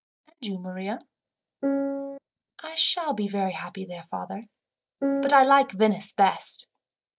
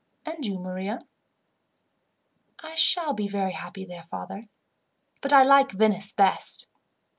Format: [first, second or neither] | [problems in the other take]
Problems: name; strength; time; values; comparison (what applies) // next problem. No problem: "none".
second | noise reduction (neural mask model DeepFilterNet 3)